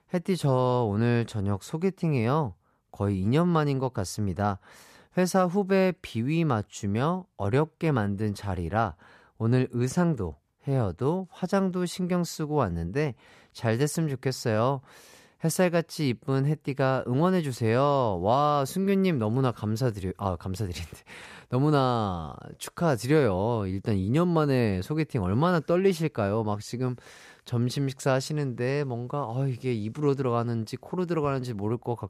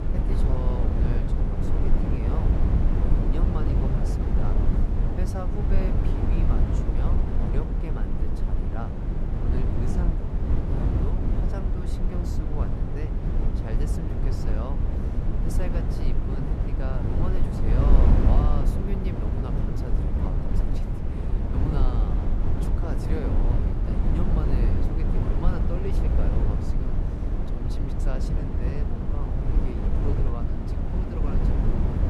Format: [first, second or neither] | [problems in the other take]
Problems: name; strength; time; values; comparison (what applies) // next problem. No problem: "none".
first | wind noise on the microphone; heavy; 4 dB above the speech